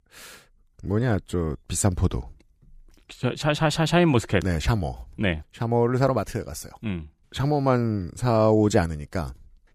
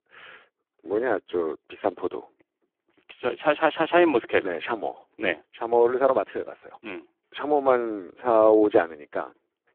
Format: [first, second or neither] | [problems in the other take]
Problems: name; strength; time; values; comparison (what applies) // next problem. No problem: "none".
first | phone-call audio; poor line